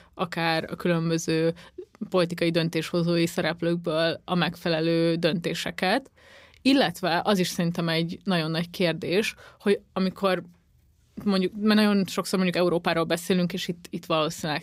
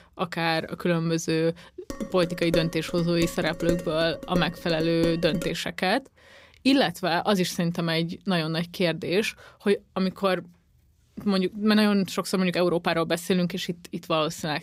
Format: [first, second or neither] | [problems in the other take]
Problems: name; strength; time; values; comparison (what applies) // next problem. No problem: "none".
first | clattering dishes; noticeable; from 2 to 5.5 s; peak 6 dB below the speech